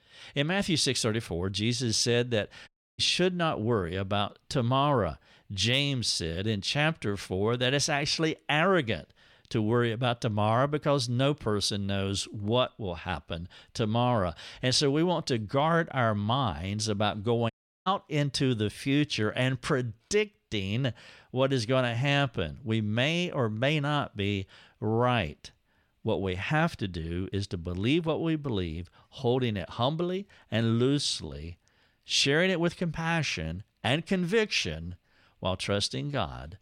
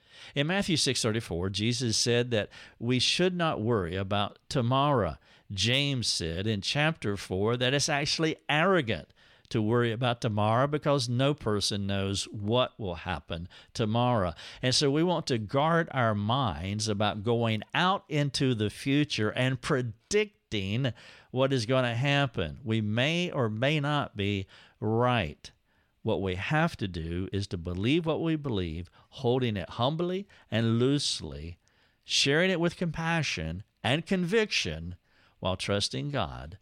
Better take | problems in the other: second | audio cutting out; at 2.5 s and at 18 s

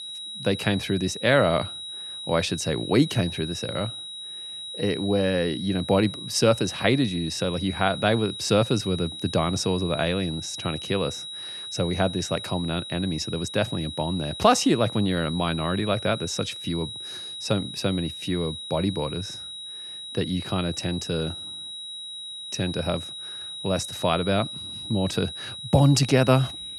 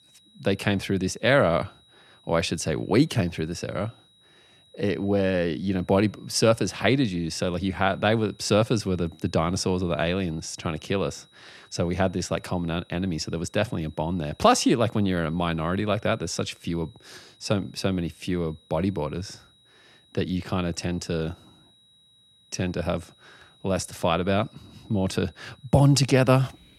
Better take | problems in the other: second | high-pitched whine; loud; throughout; 4 kHz, 9 dB below the speech; faint in the second

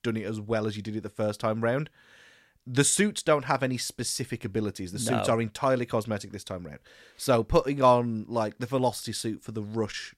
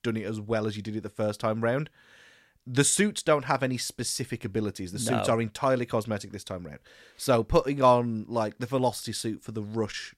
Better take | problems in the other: neither | none

